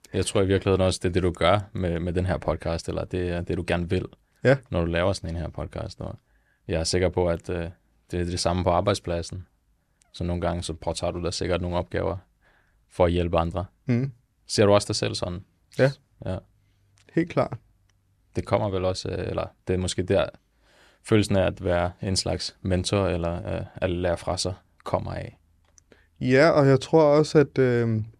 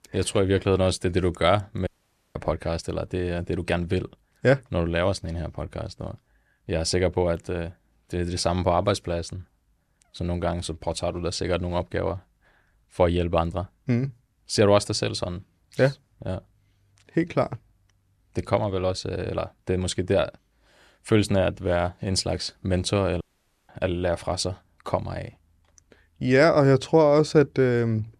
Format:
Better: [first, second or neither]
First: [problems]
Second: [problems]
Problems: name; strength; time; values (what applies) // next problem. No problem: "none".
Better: first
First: none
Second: audio cutting out; at 2 s and at 23 s